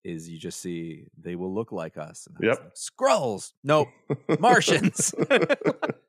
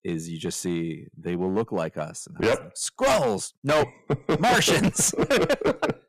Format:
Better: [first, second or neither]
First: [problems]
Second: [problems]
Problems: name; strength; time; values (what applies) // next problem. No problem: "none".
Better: first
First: none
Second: distortion; heavy; 12% of the sound clipped